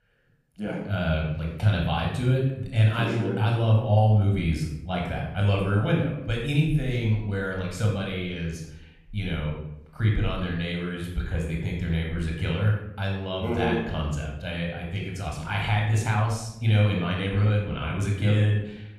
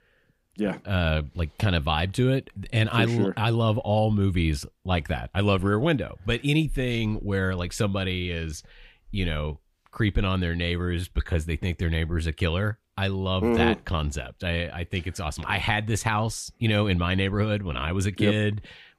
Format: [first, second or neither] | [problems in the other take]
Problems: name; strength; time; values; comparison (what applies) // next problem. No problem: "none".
second | off-mic speech; somewhat distant // room echo; noticeable; dies away in 0.7 s